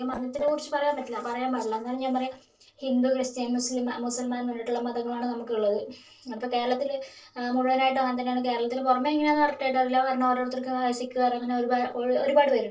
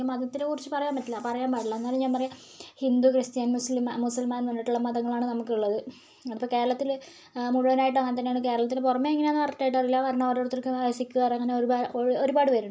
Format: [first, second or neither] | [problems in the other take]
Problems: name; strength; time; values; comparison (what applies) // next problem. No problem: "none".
second | noise reduction (neural separator model SepFormer DNS4)